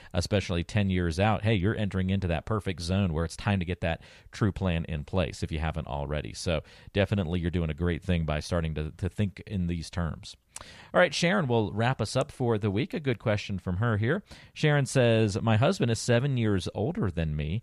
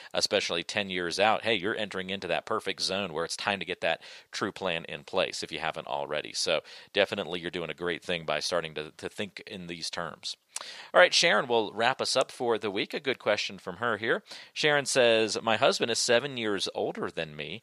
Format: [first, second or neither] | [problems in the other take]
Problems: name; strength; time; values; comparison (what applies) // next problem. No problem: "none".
first | thin; very; fading below 450 Hz